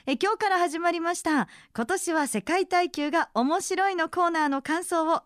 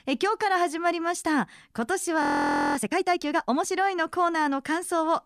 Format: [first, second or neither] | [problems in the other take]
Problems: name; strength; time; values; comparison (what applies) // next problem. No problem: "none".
first | audio freezing; at 2 s for 0.5 s